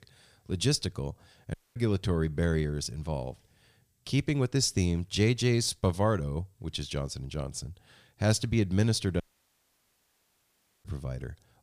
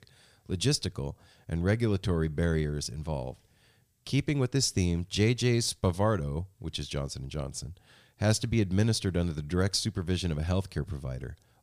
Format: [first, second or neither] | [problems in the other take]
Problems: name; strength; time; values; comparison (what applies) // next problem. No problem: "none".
second | audio cutting out; at 1.5 s and at 9 s for 1.5 s